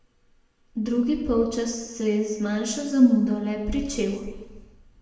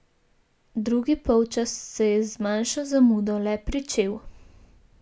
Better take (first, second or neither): second